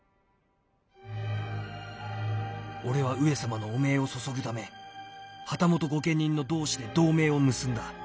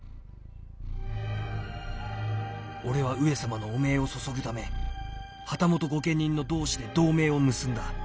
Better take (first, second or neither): first